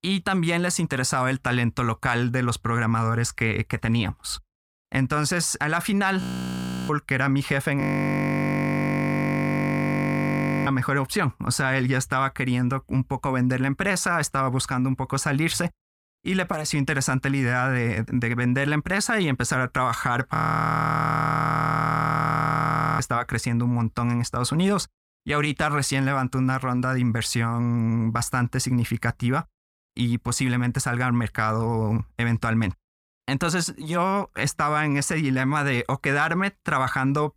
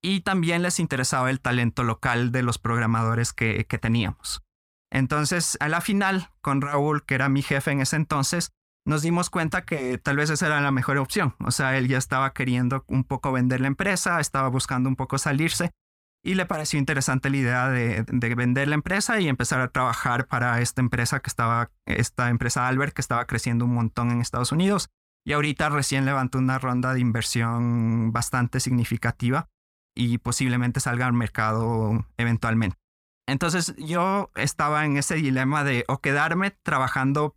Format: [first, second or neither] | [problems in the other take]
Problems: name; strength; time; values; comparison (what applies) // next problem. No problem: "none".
second | audio freezing; at 6 s for 0.5 s, at 8 s for 3 s and at 20 s for 2.5 s